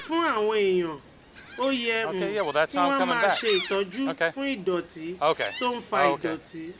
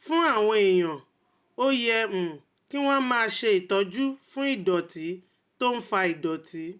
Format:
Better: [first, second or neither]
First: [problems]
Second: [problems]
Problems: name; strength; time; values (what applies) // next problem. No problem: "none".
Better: second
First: background sound (Gull, seagull); 2 dB below the speech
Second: none